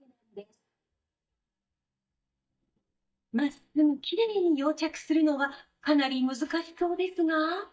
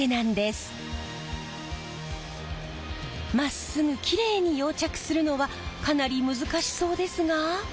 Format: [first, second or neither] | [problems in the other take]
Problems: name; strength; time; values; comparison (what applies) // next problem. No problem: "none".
second | noise reduction (neural mask model DeepFilterNet 3)